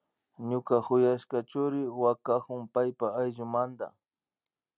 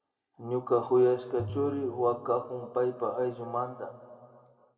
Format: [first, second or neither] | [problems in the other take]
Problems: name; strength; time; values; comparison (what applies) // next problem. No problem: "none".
first | background sound (Piano); 14 dB below the speech // room echo; dies away in 2 s